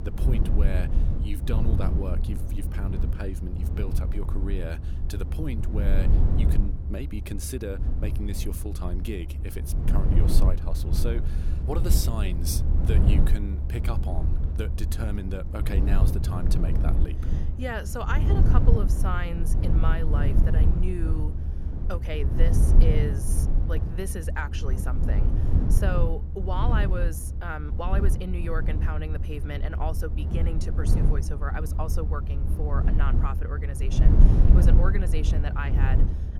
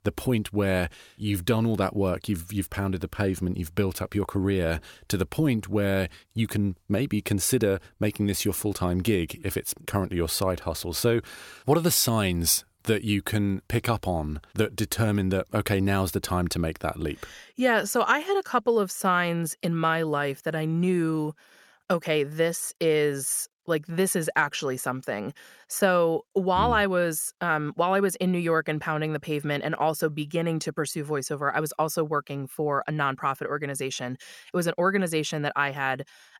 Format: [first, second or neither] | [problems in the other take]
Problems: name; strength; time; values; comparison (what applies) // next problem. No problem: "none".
second | low rumble; loud; throughout; 4 dB below the speech